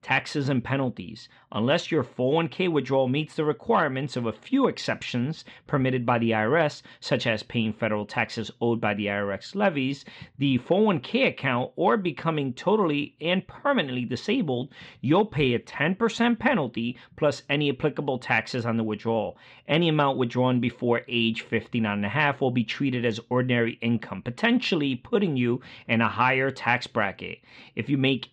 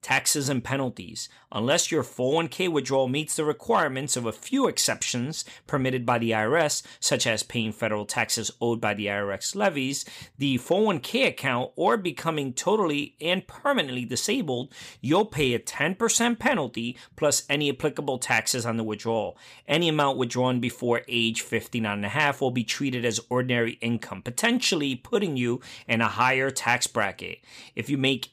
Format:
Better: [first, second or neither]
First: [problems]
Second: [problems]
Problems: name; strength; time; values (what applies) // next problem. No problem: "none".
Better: second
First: muffled; slightly; fading above 3.5 kHz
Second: none